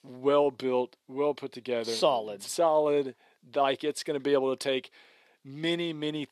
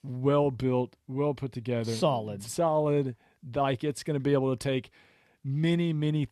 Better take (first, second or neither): second